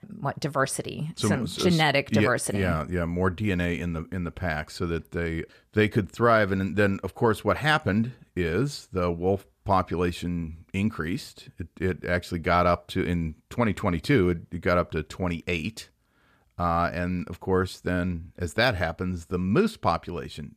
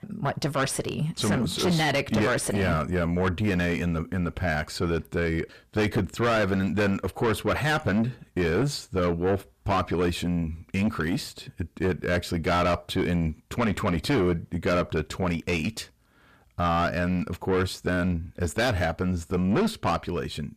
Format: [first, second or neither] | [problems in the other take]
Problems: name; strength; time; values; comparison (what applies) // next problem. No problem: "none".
first | distortion; heavy; 6 dB below the speech